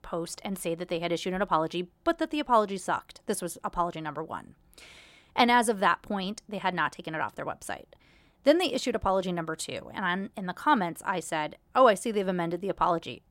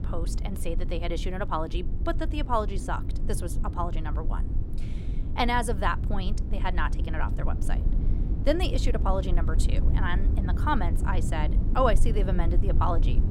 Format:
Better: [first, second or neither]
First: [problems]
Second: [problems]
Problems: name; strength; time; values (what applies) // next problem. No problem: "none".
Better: first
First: none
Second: low rumble; noticeable; throughout; 15 dB below the speech